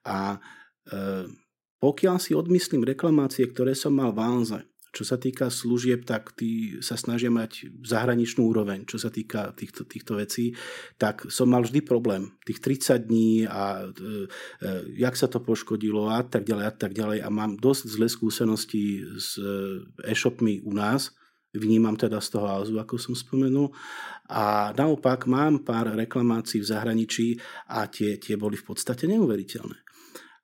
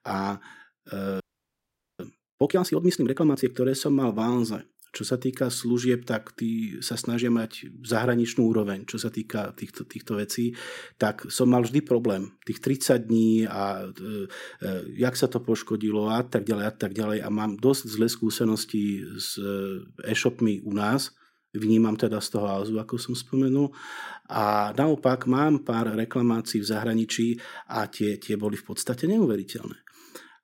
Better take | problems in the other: first | audio freezing; at 1 s for 1 s

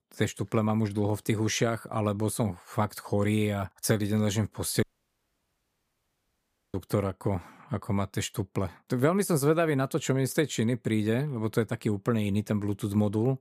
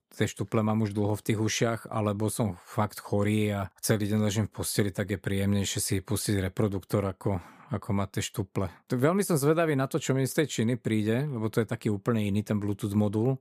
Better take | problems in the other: second | audio cutting out; at 5 s for 2 s

